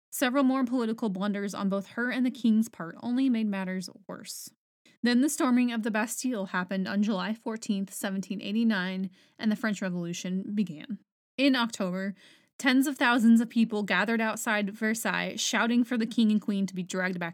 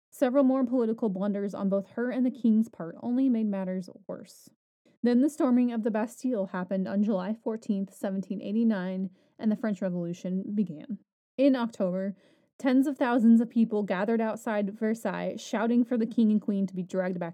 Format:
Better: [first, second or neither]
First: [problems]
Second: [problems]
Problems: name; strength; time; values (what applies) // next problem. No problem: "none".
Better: first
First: none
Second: muffled; slightly; fading above 1 kHz